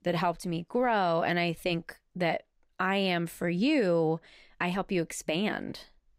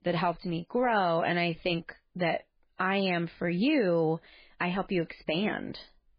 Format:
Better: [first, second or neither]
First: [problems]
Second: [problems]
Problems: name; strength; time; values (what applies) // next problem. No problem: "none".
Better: first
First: none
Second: garbled, watery; badly; nothing above 4.5 kHz